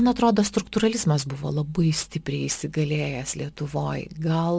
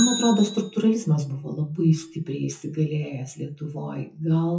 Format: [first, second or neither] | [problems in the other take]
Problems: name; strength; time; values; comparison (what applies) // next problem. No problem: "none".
first | noise reduction (classical method WPE with log-MMSE)